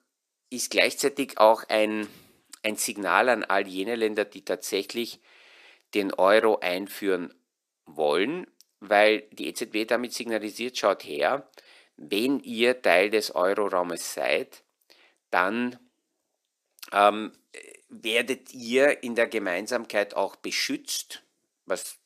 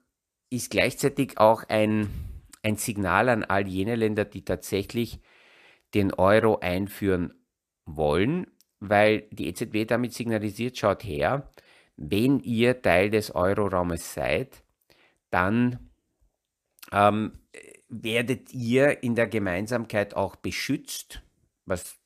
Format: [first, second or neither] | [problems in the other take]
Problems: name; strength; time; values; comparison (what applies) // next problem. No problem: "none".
second | thin; very slightly; fading below 300 Hz